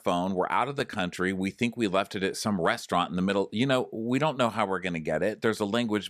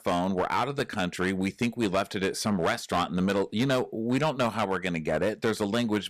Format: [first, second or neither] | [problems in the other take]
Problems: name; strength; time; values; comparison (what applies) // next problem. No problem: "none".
first | distortion; slight; 9% of the sound clipped